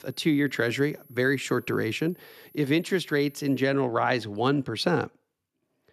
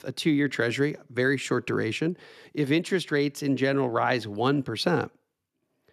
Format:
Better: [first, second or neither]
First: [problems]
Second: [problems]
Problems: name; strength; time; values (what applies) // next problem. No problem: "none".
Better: second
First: high-pitched whine; faint; until 3.5 s; 11.5 kHz, 25 dB below the speech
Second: none